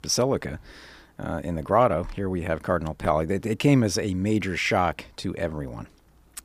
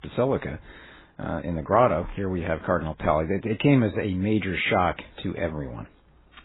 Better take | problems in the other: first | garbled, watery; badly; nothing above 4 kHz

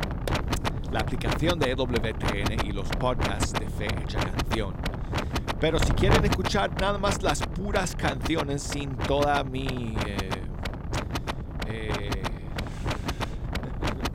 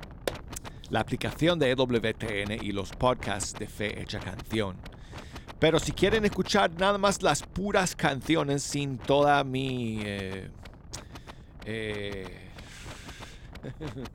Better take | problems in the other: second | wind noise on the microphone; heavy; 2 dB below the speech; occasional gusts in the second

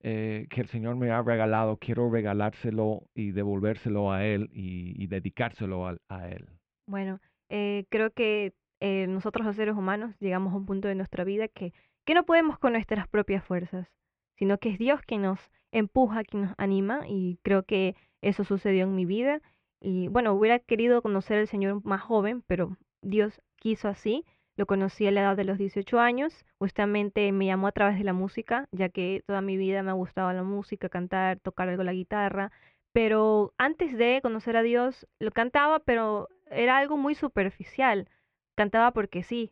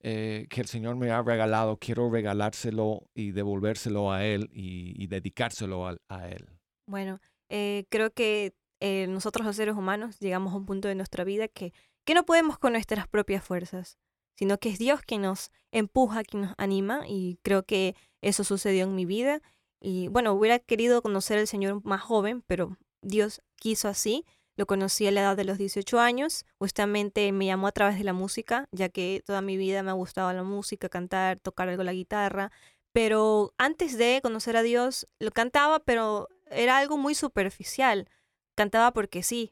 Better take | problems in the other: second | muffled; very; fading above 2.5 kHz

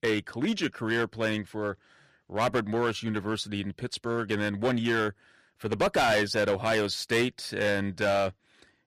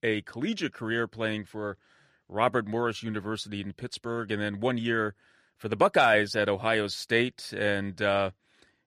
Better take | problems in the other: second | distortion; heavy; 6% of the sound clipped

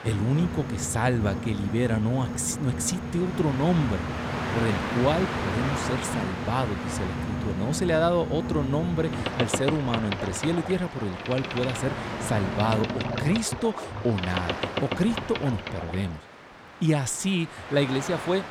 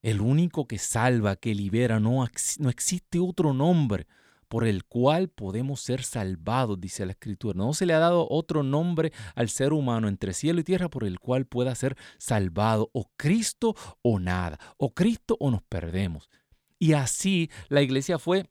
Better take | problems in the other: second | train or aircraft noise; loud; throughout; 4 dB below the speech

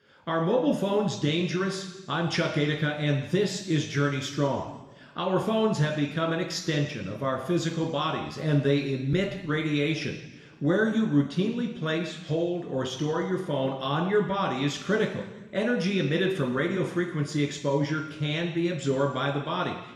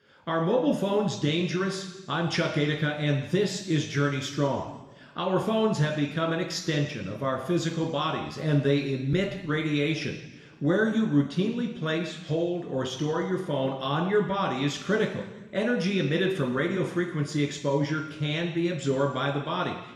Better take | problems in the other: neither | room echo; noticeable; dies away in 1.1 s; the same in both // off-mic speech; somewhat distant; the same in both

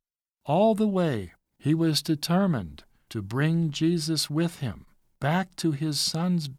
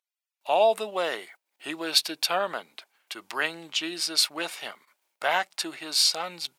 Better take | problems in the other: first | thin; very; fading below 550 Hz

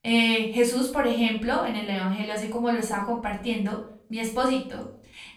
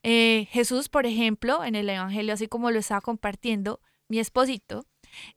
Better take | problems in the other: second | off-mic speech; far // room echo; slight; dies away in 0.4 s

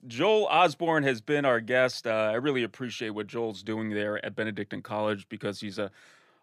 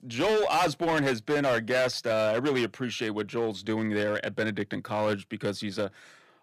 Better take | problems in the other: first | distortion; heavy; 10% of the sound clipped

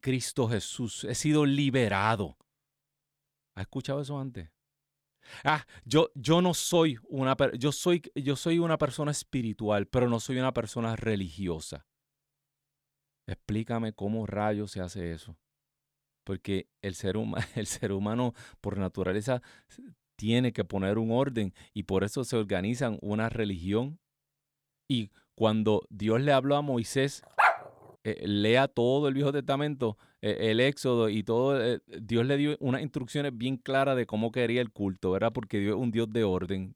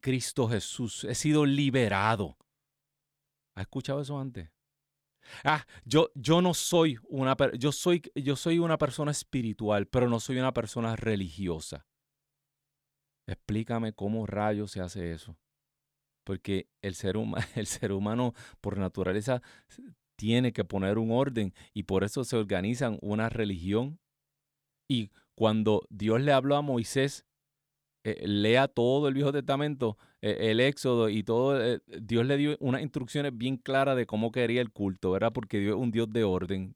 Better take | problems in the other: second | dog barking; loud; at 27 s; peak 5 dB above the speech

